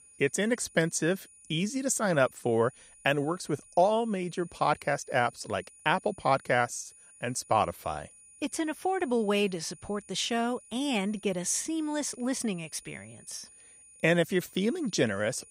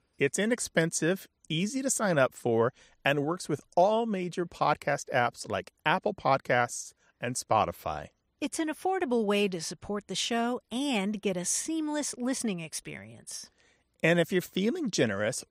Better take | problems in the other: second | high-pitched whine; faint; throughout; 9.5 kHz, 25 dB below the speech

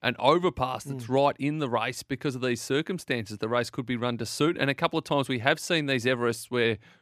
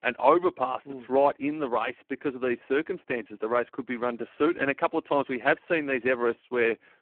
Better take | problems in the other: first | phone-call audio; poor line

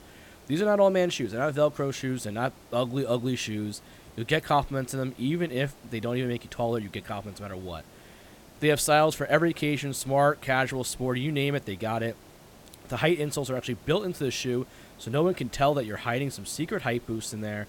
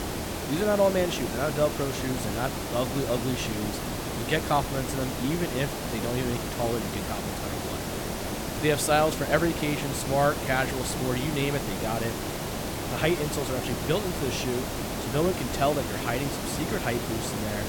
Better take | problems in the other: first | hiss; loud; throughout; 3 dB below the speech; faint in the first

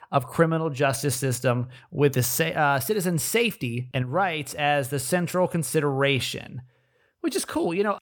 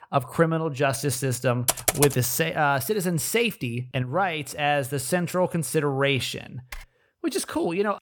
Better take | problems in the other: first | keyboard typing; loud; at 1.5 s; peak 2 dB above the speech // keyboard typing; faint; at 6.5 s; peak 20 dB below the speech

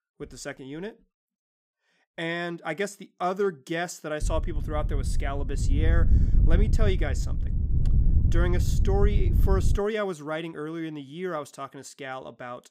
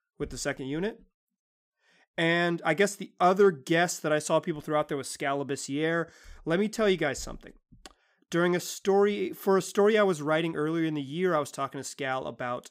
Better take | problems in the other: second | wind noise on the microphone; heavy; from 4 to 10 s; 10 dB below the speech

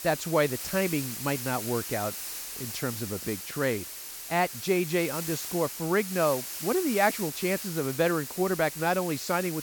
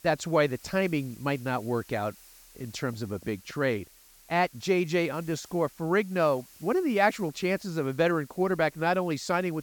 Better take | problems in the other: second | hiss; loud; throughout; 6 dB below the speech; faint in the second

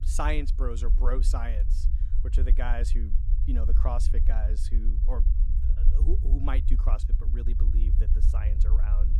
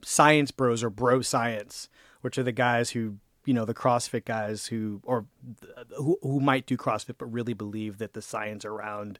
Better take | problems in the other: second | low rumble; loud; throughout; 10 dB below the speech

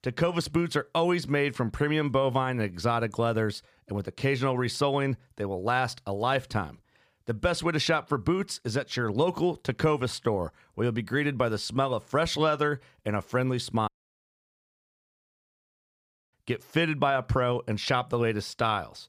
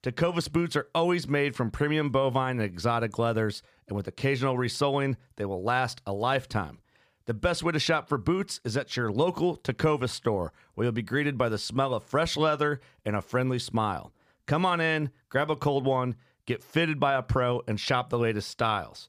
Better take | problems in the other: second | audio cutting out; at 14 s for 2.5 s

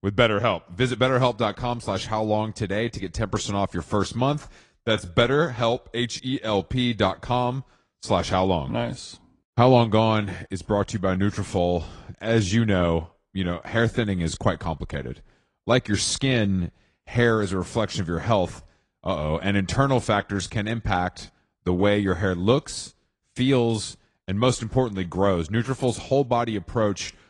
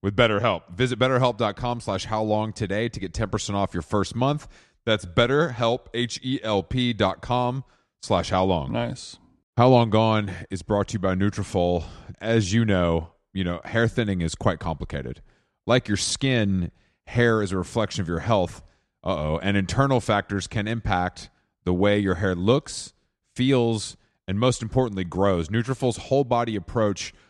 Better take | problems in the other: second | garbled, watery; slightly; nothing above 9 kHz

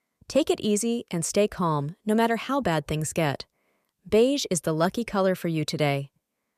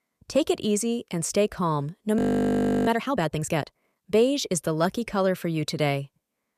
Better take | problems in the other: first | audio freezing; at 2 s for 0.5 s

